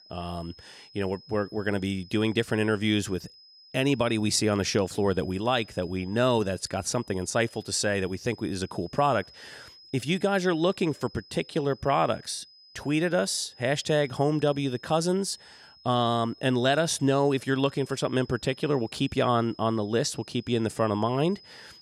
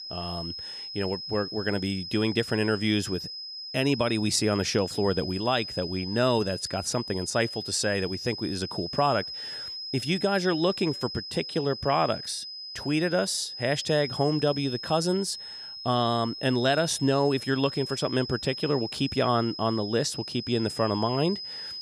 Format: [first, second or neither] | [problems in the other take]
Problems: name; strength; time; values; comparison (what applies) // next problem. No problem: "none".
first | high-pitched whine; loud; throughout; 5 kHz, 8 dB below the speech; faint in the first